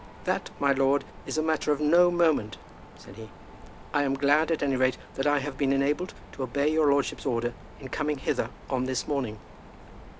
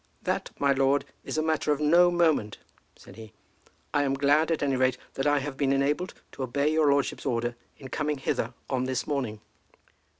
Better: second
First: background sound (Mechanisms); 18 dB below the speech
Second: none

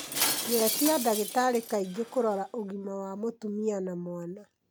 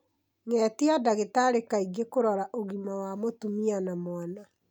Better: second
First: background sound (Shatter); 5 dB below the speech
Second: none

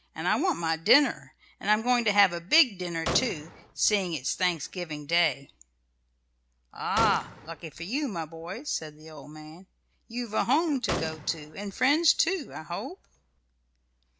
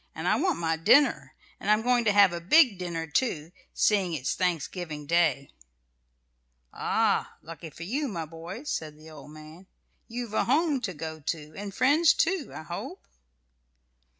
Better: second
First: background sound (Gunshot, gunfire); 10 dB below the speech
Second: none

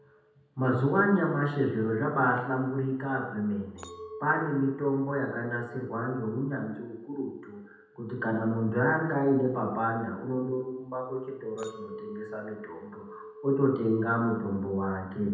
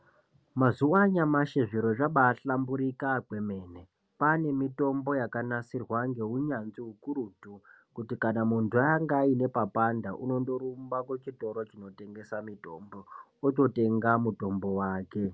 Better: second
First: background sound (Chink, clink); 20 dB below the speech // room echo; dies away in 0.8 s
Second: none

